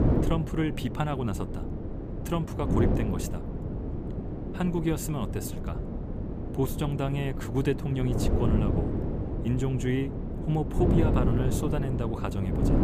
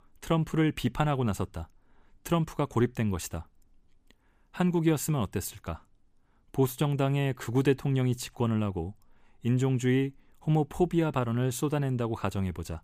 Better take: second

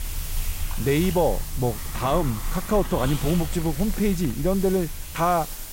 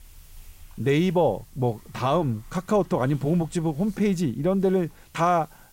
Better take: second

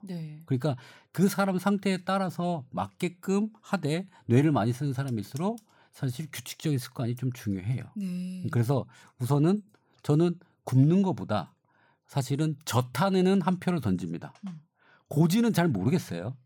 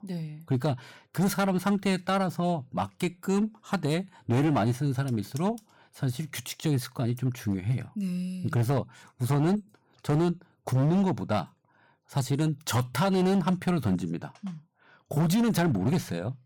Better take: first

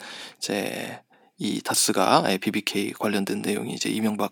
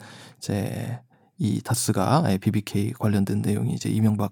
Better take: second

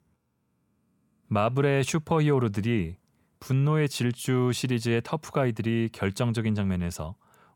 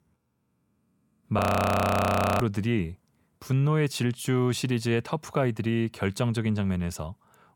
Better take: first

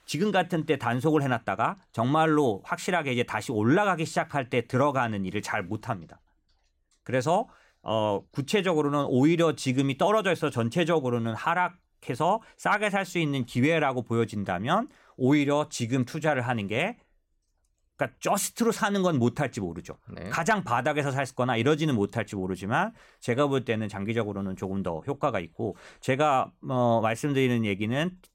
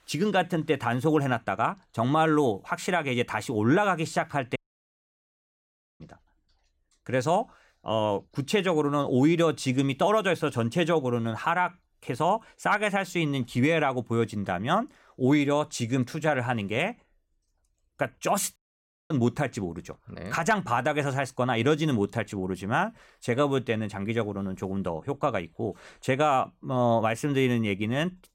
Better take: first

